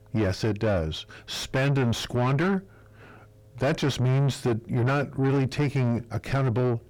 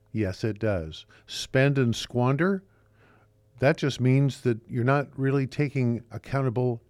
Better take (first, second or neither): second